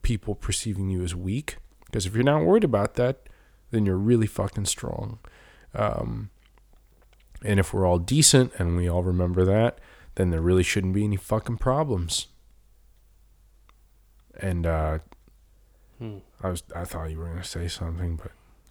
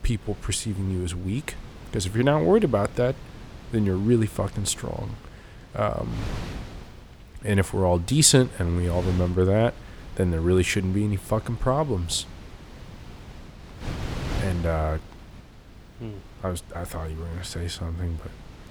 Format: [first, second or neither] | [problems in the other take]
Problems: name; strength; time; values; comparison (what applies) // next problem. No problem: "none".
first | wind noise on the microphone; occasional gusts; 15 dB below the speech